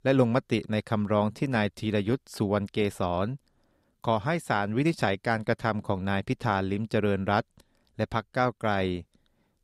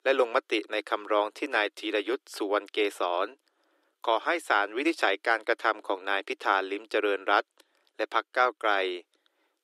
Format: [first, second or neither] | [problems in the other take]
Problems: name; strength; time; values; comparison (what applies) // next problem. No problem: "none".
first | thin; very; fading below 300 Hz